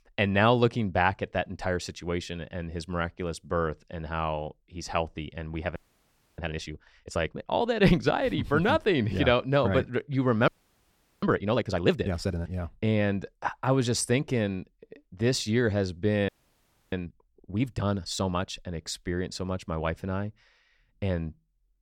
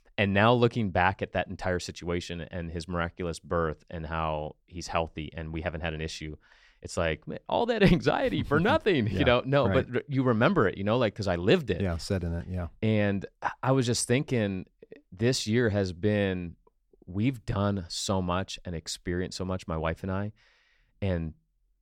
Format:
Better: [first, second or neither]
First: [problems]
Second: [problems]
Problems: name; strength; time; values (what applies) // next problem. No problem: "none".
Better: second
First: audio freezing; at 6 s for 0.5 s, at 10 s for 0.5 s and at 16 s for 0.5 s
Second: none